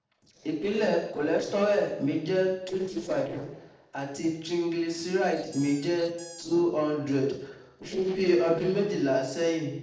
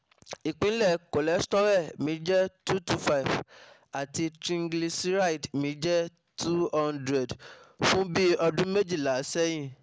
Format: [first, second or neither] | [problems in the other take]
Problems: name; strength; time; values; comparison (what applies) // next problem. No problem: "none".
second | noise reduction (neural separator model SepFormer DNS4)